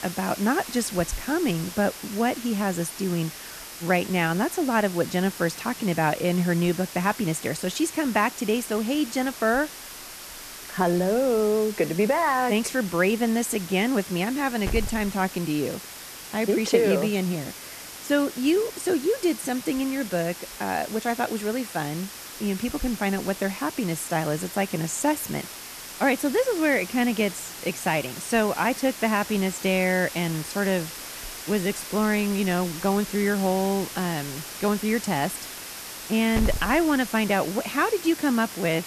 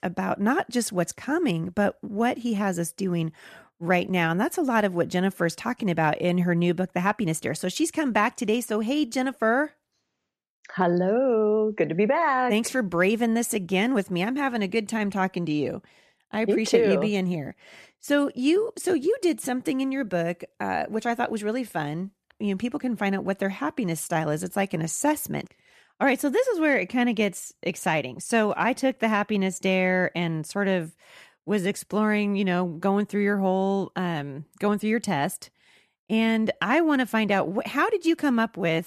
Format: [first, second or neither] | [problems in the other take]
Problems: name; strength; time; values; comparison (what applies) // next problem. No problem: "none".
second | hiss; noticeable; throughout; 10 dB below the speech